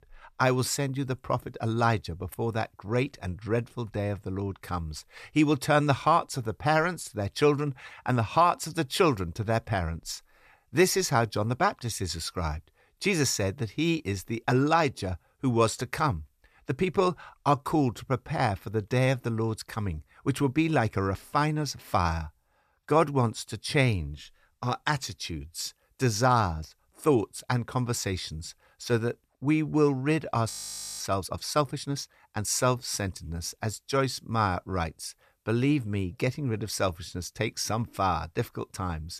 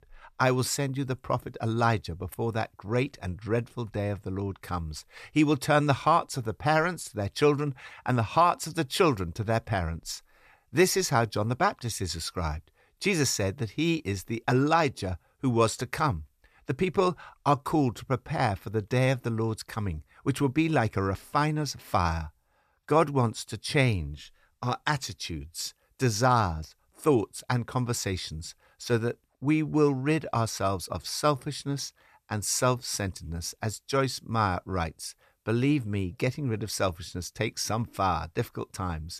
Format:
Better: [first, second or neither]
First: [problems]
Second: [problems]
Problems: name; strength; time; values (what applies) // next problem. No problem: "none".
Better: second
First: audio freezing; at 31 s for 0.5 s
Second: none